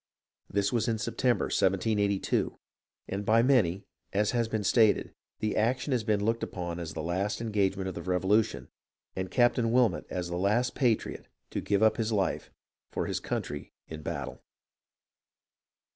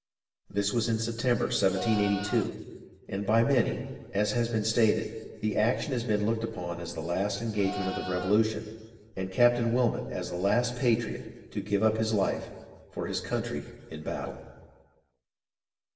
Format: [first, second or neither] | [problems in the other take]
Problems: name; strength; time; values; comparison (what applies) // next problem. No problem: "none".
first | background sound (Livestock, farm animals, working animals); 11 dB below the speech // room echo; dies away in 1.4 s